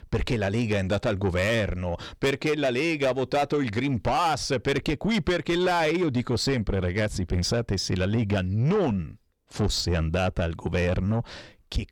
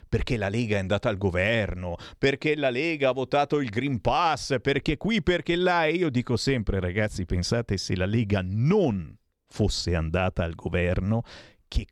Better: second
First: distortion; slight; 10 dB below the speech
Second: none

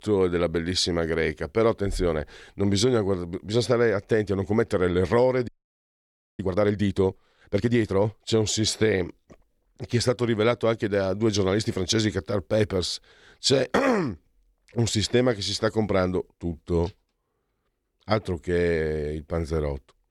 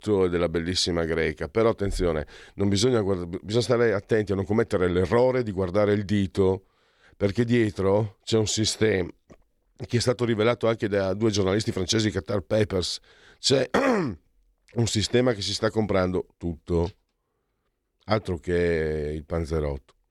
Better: second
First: audio freezing; at 5.5 s for 1 s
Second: none

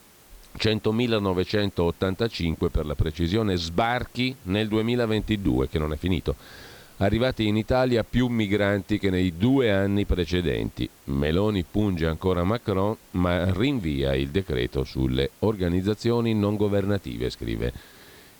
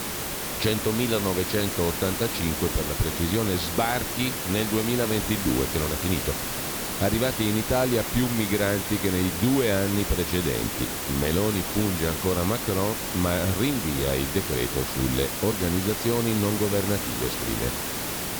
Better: first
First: hiss; faint; throughout; 25 dB below the speech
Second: hiss; loud; throughout; 2 dB below the speech

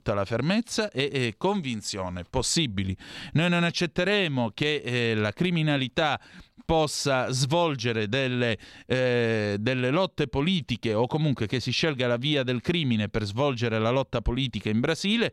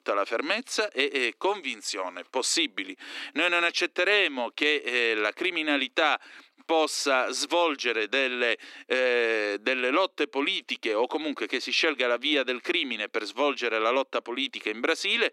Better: first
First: none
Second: thin; somewhat; fading below 300 Hz

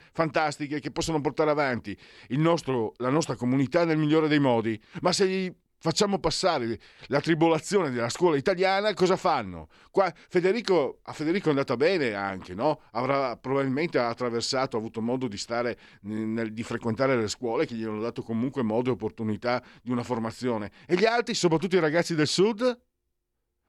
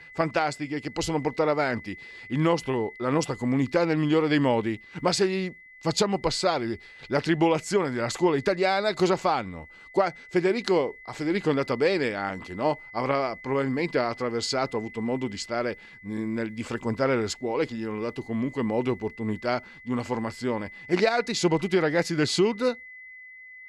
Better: first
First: none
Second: high-pitched whine; noticeable; throughout; 2 kHz, 20 dB below the speech

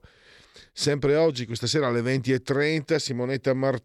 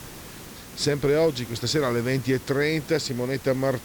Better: first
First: none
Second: hiss; noticeable; throughout; 15 dB below the speech

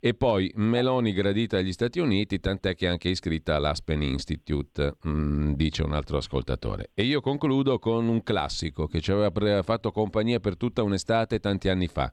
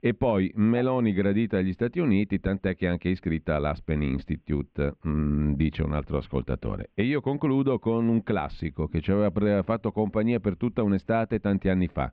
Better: first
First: none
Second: muffled; very; fading above 2.5 kHz

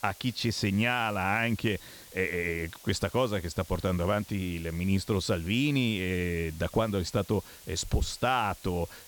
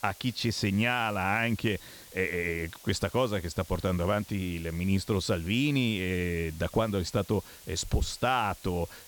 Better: neither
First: hiss; noticeable; throughout; 20 dB below the speech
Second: hiss; noticeable; throughout; 20 dB below the speech

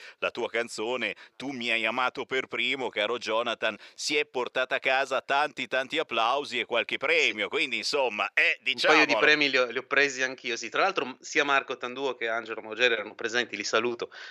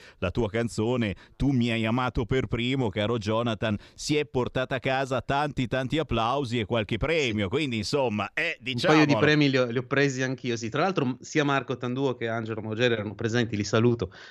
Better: second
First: thin; very; fading below 550 Hz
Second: none

